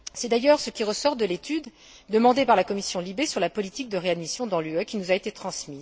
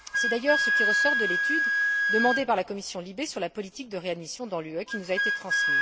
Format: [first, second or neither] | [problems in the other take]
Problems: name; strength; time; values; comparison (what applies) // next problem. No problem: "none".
first | background sound (Wind instrument, woodwind instrument); 3 dB above the speech